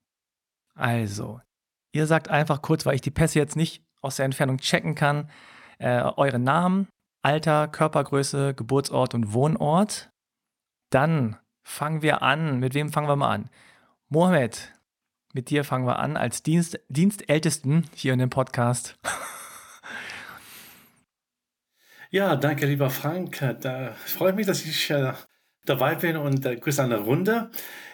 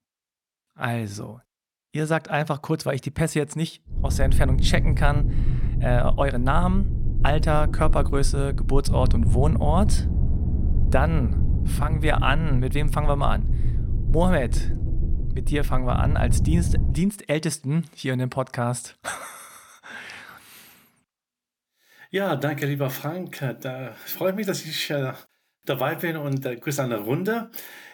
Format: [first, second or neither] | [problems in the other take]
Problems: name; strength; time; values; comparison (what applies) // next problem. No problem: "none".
first | low rumble; noticeable; from 4 to 17 s; 10 dB below the speech